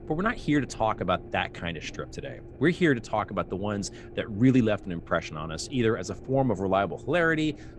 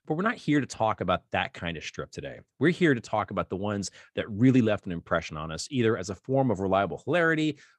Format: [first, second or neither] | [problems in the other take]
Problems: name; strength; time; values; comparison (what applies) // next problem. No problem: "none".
second | low rumble; faint; throughout; 20 dB below the speech